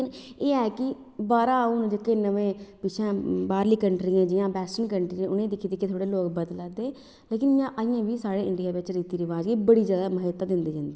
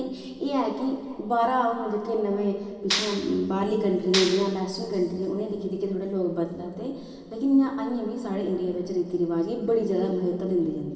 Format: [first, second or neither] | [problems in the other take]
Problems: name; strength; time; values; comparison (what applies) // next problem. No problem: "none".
first | background sound (Clapping); 6 dB below the speech // room echo; dies away in 2.4 s